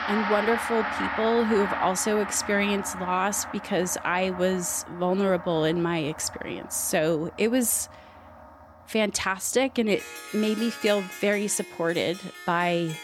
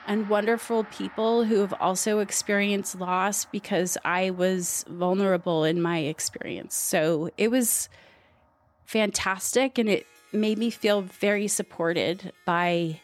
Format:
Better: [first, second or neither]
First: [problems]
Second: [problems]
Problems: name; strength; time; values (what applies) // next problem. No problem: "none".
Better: second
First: background music; loud; throughout; 9 dB below the speech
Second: background music; faint; throughout; 25 dB below the speech